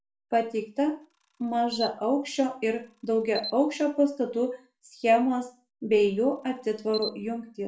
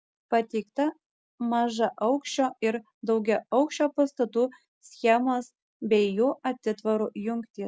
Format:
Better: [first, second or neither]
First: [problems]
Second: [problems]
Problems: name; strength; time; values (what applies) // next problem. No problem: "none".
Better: second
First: background sound (Camera); 16 dB below the speech // room echo; dies away in 0.3 s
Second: none